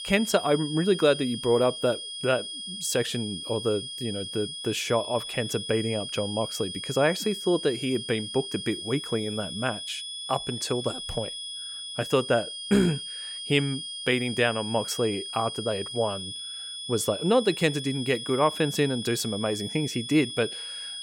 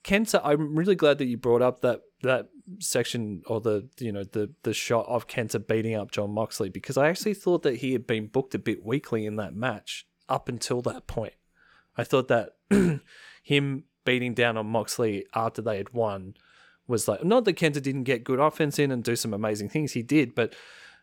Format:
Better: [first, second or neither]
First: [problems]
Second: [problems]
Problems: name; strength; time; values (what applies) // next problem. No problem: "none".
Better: second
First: high-pitched whine; loud; throughout; 3.5 kHz, 7 dB below the speech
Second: none